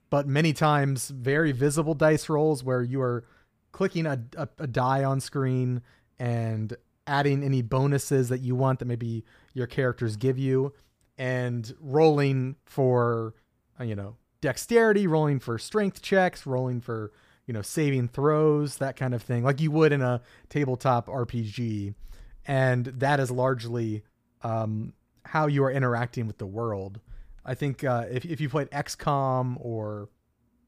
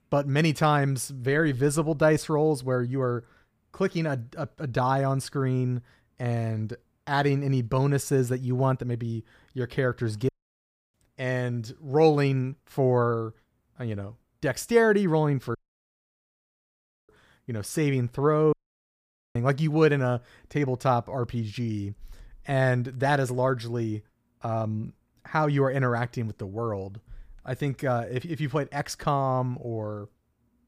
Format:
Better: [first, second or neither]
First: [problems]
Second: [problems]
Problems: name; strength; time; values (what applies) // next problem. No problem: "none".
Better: first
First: none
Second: audio cutting out; at 10 s for 0.5 s, at 16 s for 1.5 s and at 19 s for 1 s